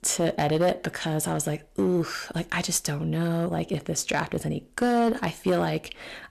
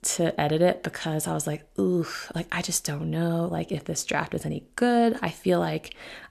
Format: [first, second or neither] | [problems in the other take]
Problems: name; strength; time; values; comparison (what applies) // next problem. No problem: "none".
second | distortion; slight; 5% of the sound clipped